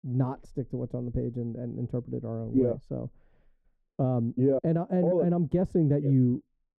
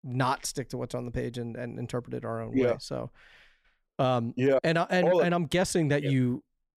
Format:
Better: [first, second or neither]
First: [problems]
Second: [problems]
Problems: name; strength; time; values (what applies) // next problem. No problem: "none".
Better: second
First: muffled; very; fading above 1 kHz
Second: none